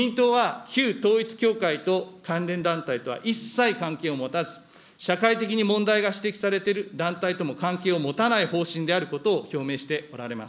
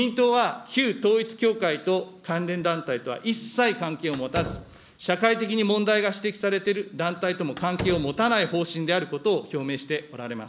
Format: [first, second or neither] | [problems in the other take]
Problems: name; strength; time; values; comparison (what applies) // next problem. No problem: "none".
first | background sound (Slam); 12 dB below the speech